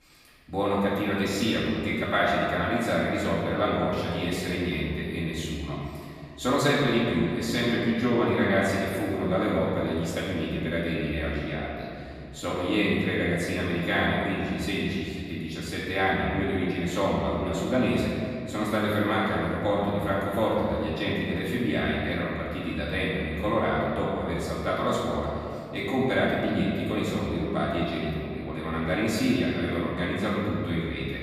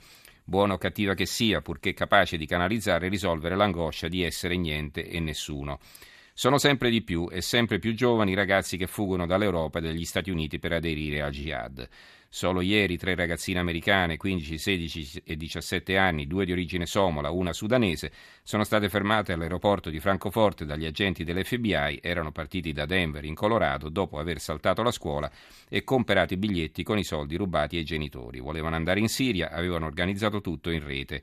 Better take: second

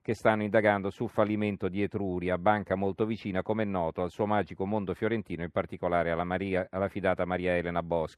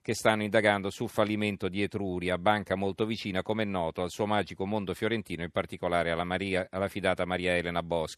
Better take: second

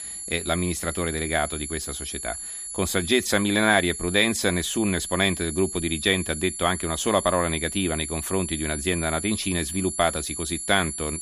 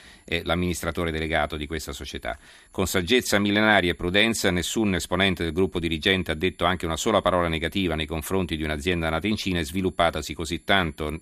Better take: second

